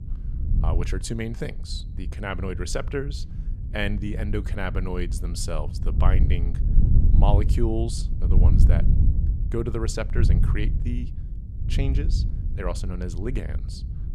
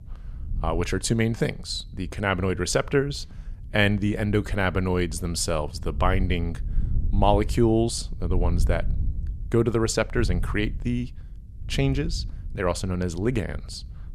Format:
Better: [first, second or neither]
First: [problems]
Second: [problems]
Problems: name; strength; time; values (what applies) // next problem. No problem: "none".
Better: second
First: wind noise on the microphone; heavy; 8 dB below the speech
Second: wind noise on the microphone; occasional gusts; 25 dB below the speech